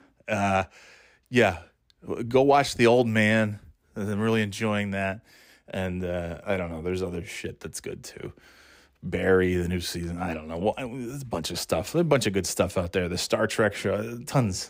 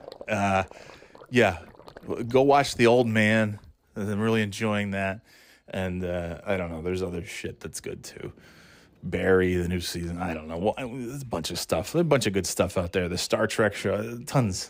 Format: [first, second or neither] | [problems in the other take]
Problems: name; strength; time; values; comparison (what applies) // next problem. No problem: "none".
first | rain or running water; faint; throughout; 25 dB below the speech